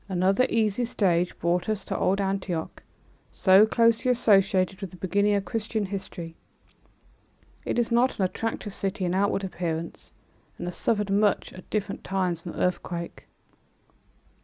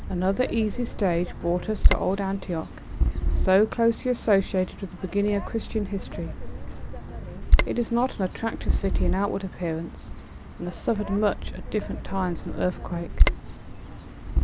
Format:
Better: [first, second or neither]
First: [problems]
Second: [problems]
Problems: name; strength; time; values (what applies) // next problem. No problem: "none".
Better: first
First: none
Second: background sound (Bird vocalization, bird call, bird song); 1 dB above the speech